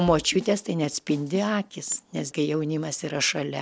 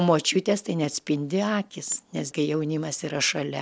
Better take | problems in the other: second | background sound (Drum / Drum kit); 19 dB below the speech

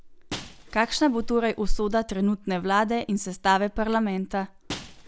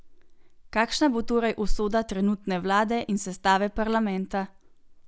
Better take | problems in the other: second | background sound (Shatter); 19 dB below the speech

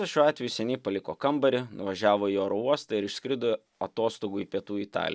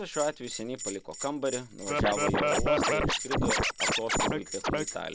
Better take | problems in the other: first | background sound (Bell + Scratching (performance technique)); 4 dB above the speech

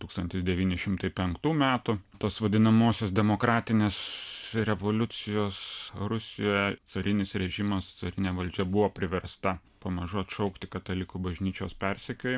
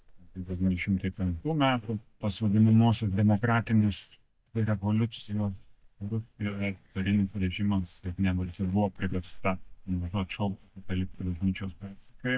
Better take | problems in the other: first | noise reduction (neural mask model DeepFilterNet 3)

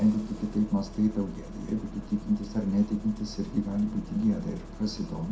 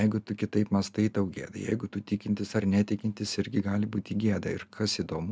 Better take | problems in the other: second | background sound (Engine starting); 13 dB below the speech // room echo; dies away in 0.5 s

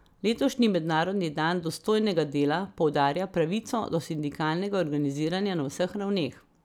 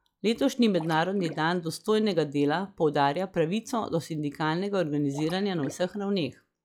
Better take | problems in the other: first | noise reduction (classical method log-MMSE)

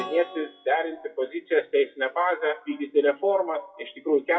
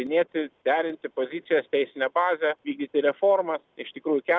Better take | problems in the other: second | noise reduction (classical method WPE with log-MMSE)

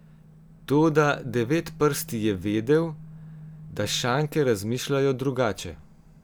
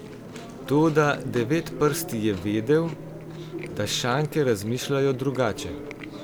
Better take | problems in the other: first | background sound (Chewing, mastication); 13 dB below the speech

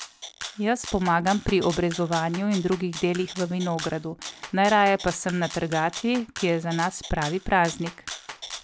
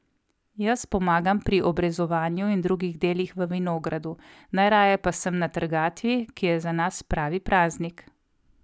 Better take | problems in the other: second | background sound (Rattle (instrument)); 14 dB below the speech

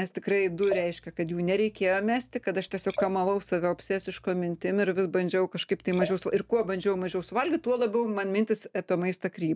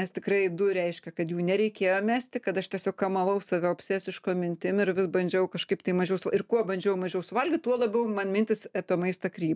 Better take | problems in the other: second | background sound (Liquid); 13 dB below the speech

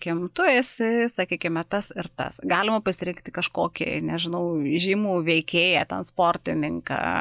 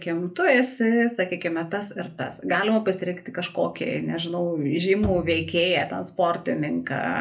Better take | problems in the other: first | background sound (Bowed string instrument); 11 dB below the speech // room echo; dies away in 0.3 s

